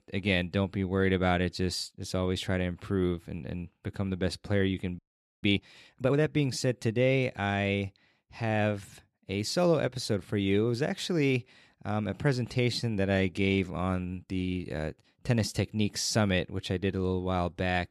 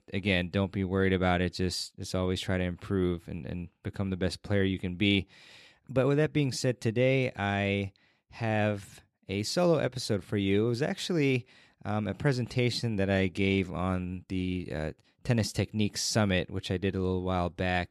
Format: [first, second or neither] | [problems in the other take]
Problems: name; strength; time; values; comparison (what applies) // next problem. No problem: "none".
second | audio freezing; at 5 s